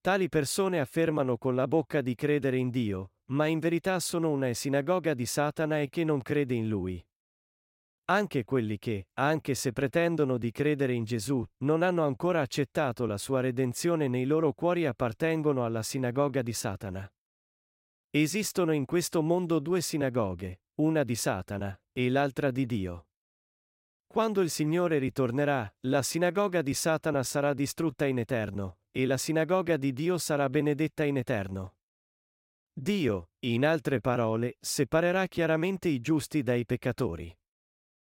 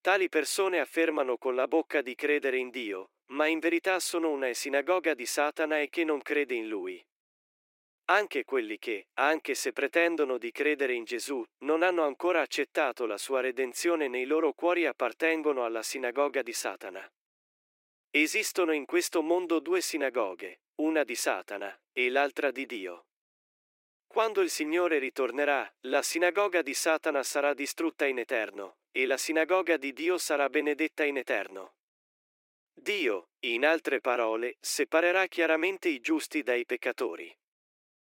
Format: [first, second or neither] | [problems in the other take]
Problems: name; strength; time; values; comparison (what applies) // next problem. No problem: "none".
first | thin; somewhat; fading below 350 Hz